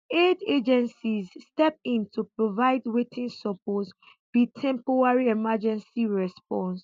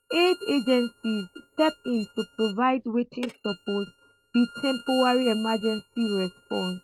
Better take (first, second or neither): first